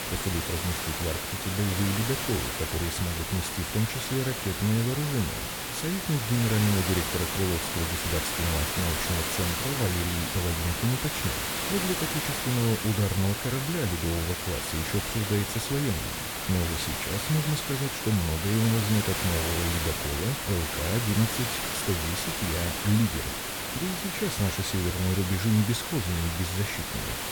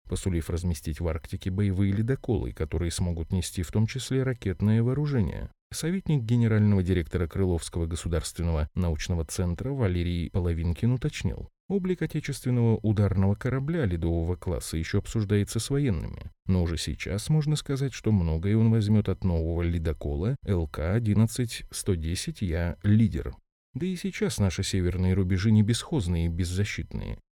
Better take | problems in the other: second | hiss; loud; throughout; as loud as the speech

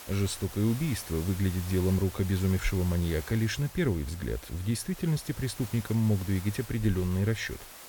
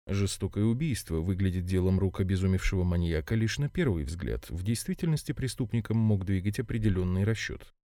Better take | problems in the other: second | hiss; noticeable; throughout; 15 dB below the speech

